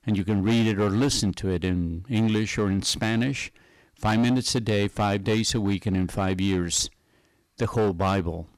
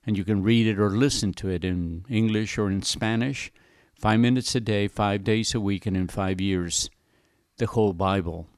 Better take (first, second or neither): second